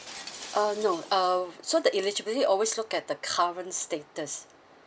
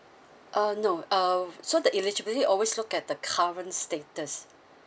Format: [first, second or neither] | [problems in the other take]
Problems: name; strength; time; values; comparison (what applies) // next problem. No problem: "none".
second | background sound (Shatter); 20 dB below the speech